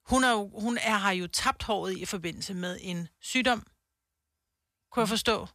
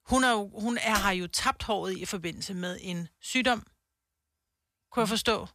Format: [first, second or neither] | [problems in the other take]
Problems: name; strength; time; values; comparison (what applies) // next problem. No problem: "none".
first | keyboard typing; noticeable; at 1 s; peak 6 dB below the speech